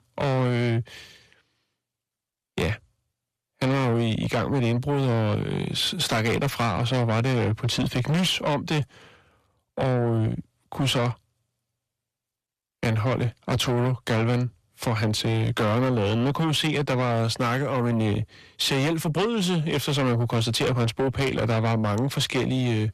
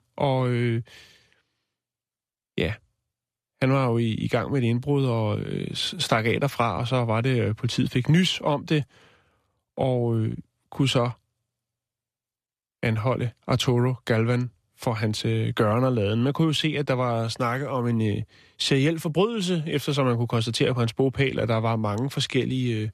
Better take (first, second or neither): second